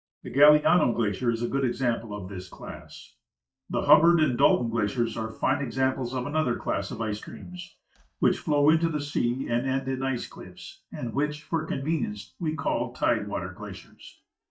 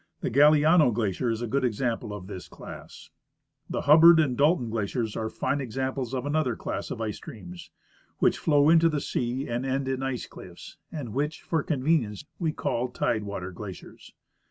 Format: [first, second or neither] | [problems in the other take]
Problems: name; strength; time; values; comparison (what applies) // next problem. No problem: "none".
second | noise reduction (neural mask model DeepFilterNet 3)